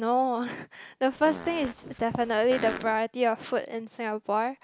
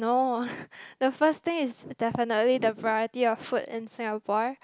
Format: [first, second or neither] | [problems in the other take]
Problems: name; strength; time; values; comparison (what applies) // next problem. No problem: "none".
second | background sound (Fart); 12 dB below the speech